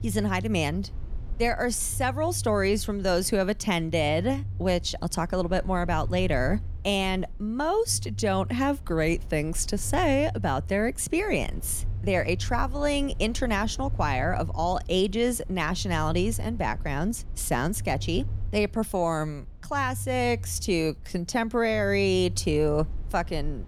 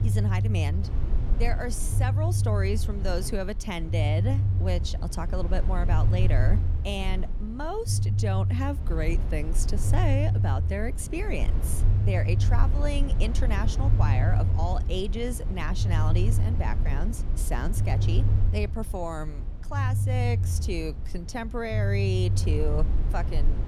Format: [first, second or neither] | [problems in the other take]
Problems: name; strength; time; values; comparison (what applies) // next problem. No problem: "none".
first | low rumble; loud; throughout; 7 dB below the speech; faint in the first